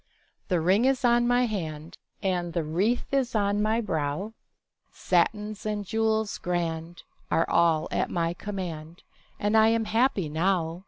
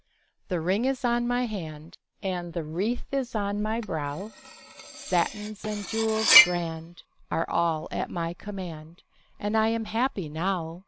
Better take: first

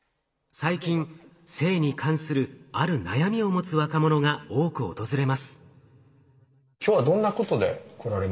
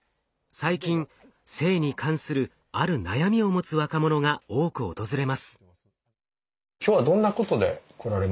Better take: second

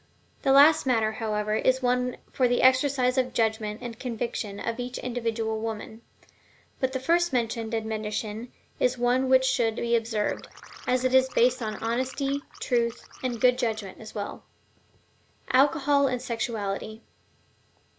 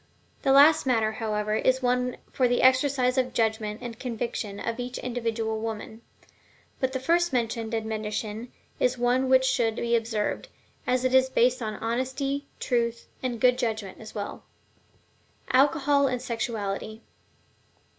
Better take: second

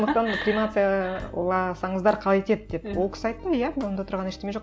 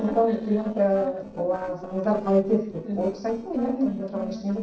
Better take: first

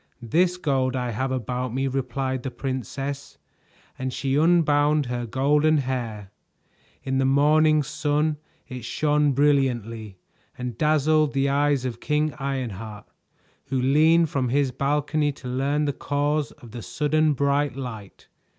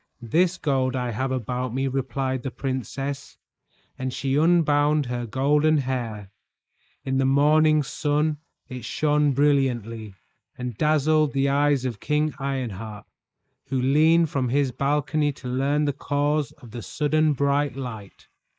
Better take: first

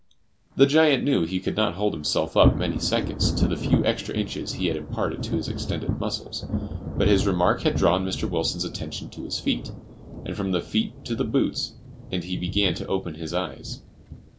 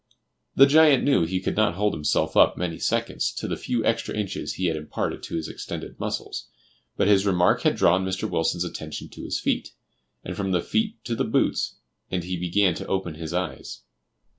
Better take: second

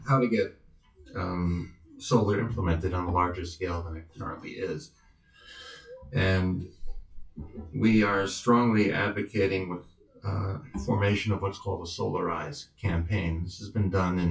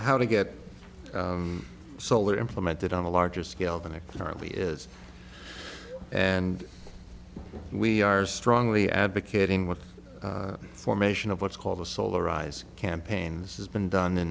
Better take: second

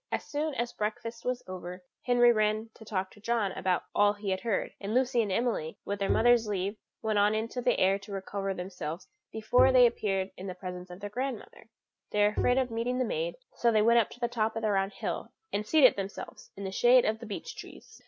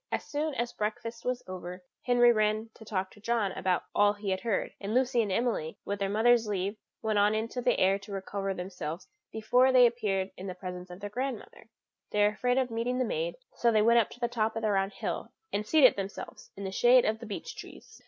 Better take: second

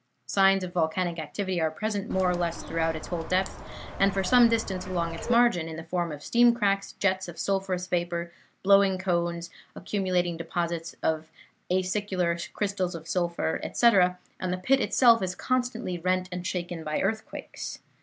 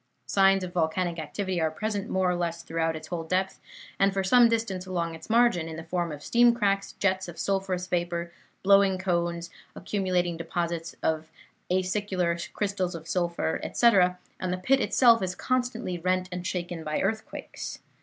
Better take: second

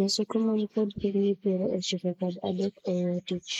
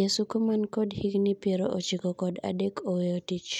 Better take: second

